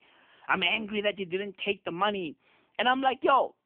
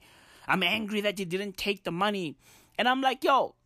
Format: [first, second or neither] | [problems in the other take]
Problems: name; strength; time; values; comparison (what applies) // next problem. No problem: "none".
second | phone-call audio; poor line; nothing above 3 kHz